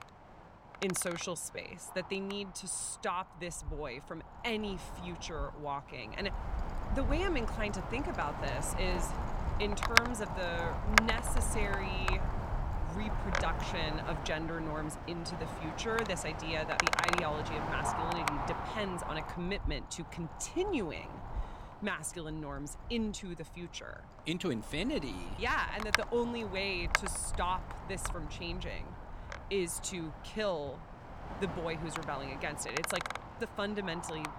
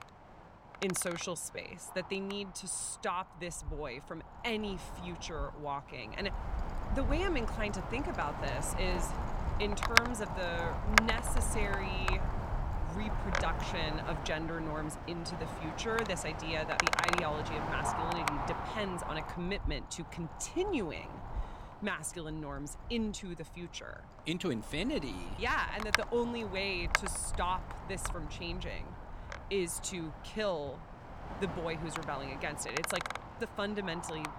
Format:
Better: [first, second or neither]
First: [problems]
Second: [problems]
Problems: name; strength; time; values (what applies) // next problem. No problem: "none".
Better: neither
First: wind noise on the microphone; heavy; 2 dB above the speech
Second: wind noise on the microphone; heavy; 2 dB above the speech